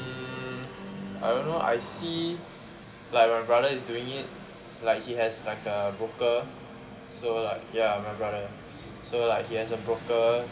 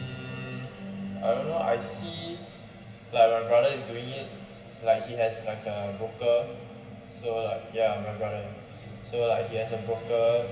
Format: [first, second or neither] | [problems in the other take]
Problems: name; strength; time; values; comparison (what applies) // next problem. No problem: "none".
first | room echo; dies away in 1.4 s